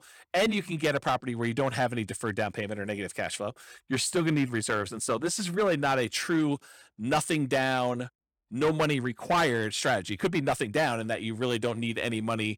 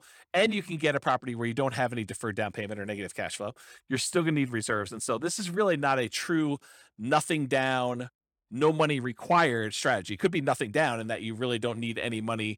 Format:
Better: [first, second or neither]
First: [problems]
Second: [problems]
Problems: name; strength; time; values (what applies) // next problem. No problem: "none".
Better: second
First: distortion; slight; 5% of the sound clipped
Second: none